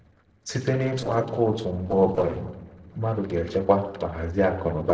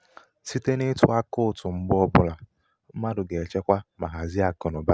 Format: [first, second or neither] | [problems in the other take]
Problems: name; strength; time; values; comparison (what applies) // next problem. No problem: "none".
second | noise reduction (neural separator model SepFormer DNS4)